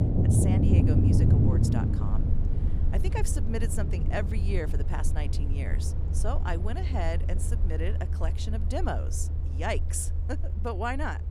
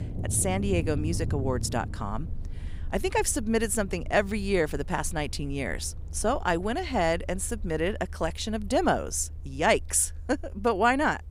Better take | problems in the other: second | low rumble; loud; throughout; 3 dB below the speech; faint in the second

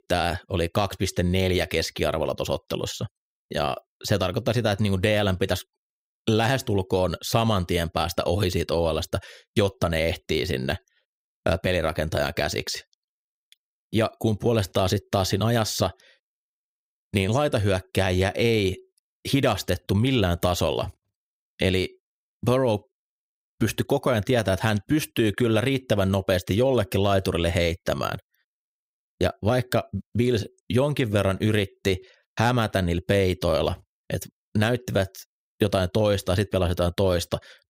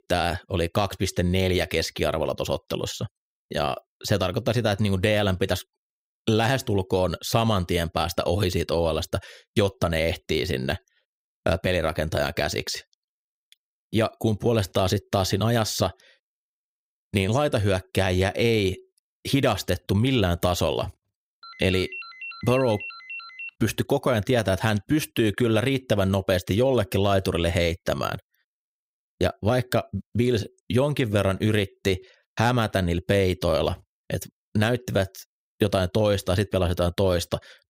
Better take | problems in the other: first | phone ringing; noticeable; from 21 to 24 s; peak 10 dB below the speech

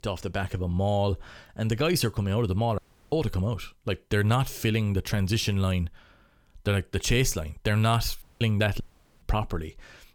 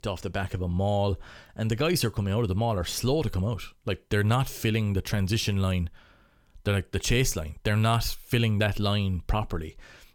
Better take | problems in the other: second | audio cutting out; at 3 s, at 8 s and at 9 s

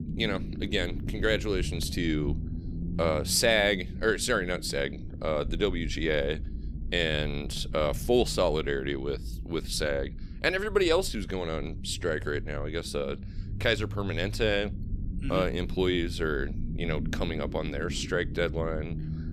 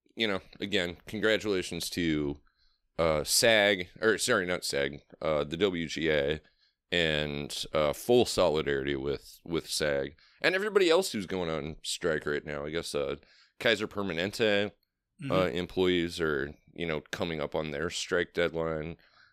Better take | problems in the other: second | low rumble; noticeable; throughout; 20 dB below the speech

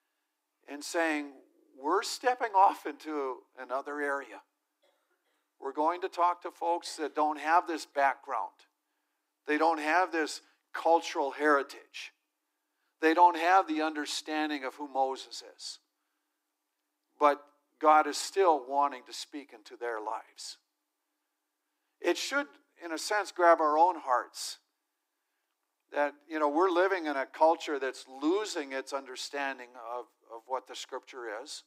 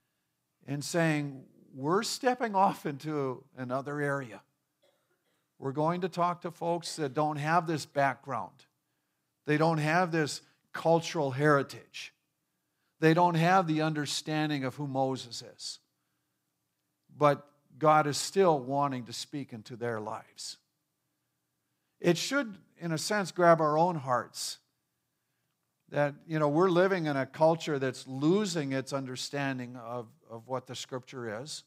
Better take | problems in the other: second | thin; somewhat; fading below 300 Hz

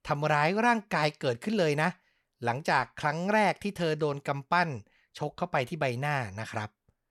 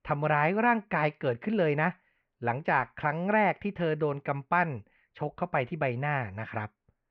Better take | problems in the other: first | muffled; very; fading above 2.5 kHz

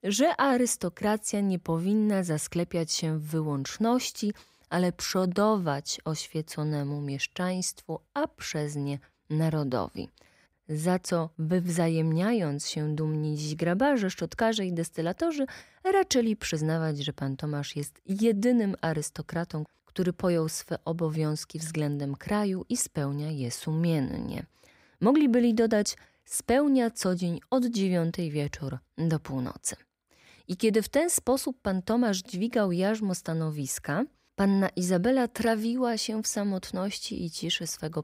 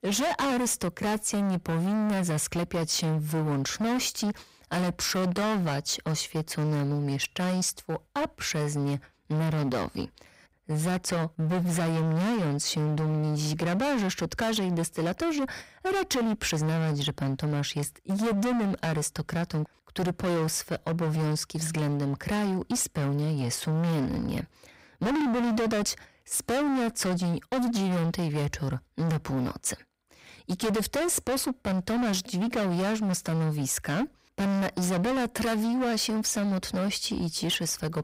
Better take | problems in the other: first | distortion; heavy; 30% of the sound clipped

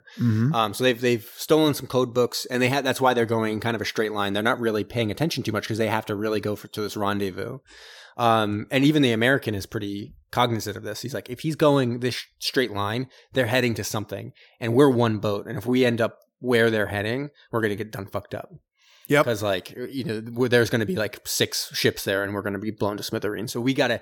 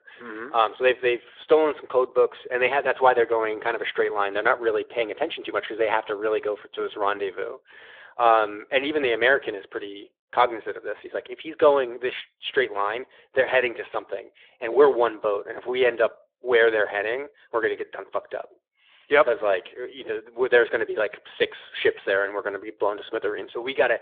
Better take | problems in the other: first | phone-call audio; nothing above 3.5 kHz

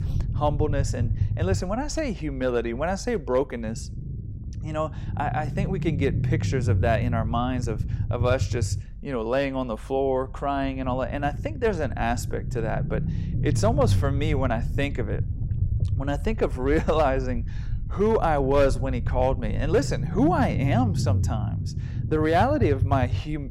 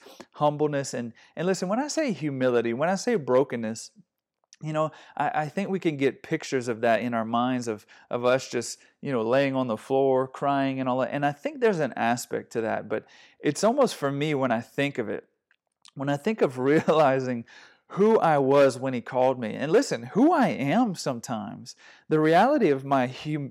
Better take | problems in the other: second | low rumble; noticeable; throughout; 15 dB below the speech

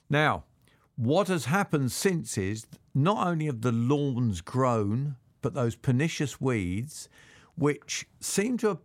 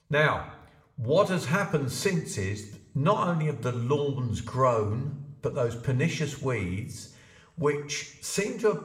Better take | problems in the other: first | room echo; very slight; dies away in 0.6 s

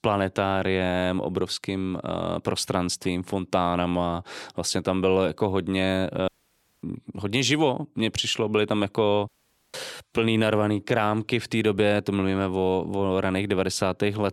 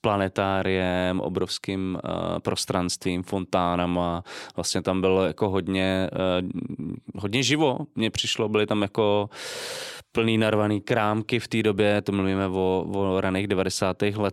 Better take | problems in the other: second | audio cutting out; at 6.5 s for 0.5 s and at 9.5 s

